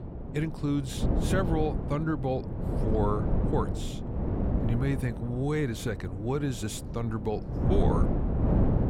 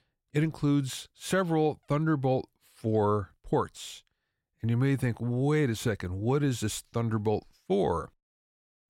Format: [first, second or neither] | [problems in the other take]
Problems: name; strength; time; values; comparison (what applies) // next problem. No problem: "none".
second | wind noise on the microphone; heavy; 4 dB below the speech